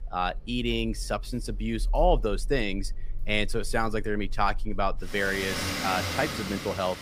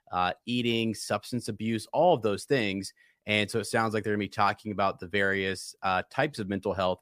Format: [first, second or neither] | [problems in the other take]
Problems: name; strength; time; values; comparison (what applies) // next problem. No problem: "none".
second | traffic noise; loud; throughout; 6 dB below the speech